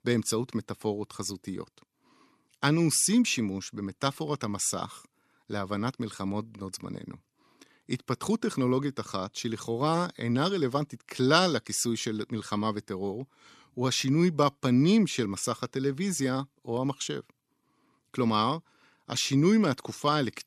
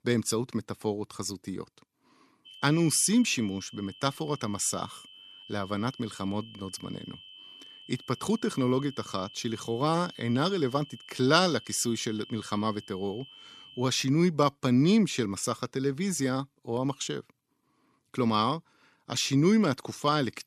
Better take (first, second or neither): first